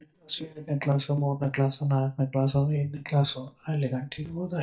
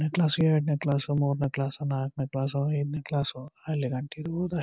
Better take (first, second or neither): second